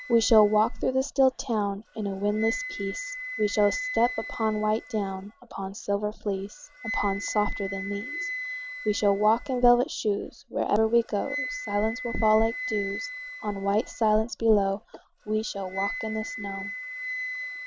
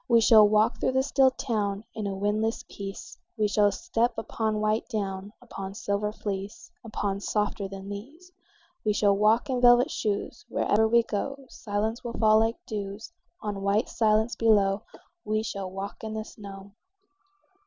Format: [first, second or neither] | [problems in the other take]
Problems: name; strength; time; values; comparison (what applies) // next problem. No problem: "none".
second | background sound (Wind instrument, woodwind instrument); 11 dB below the speech